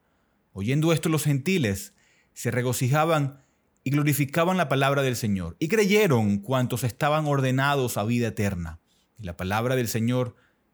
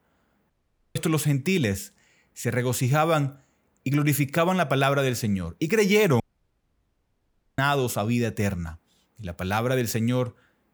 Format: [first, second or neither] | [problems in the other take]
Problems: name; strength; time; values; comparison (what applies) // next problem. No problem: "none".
first | audio cutting out; at 0.5 s and at 6 s for 1.5 s